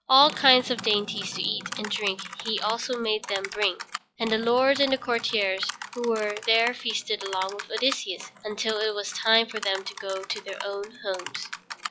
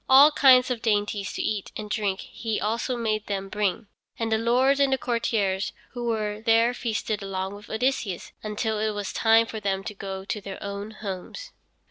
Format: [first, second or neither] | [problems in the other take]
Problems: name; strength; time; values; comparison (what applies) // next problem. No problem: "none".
second | noise reduction (classical method log-MMSE)